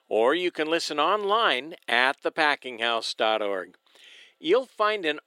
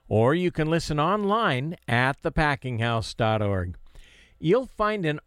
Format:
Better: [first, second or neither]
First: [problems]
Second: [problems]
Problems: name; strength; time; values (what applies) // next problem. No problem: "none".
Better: second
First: thin; very; fading below 300 Hz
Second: none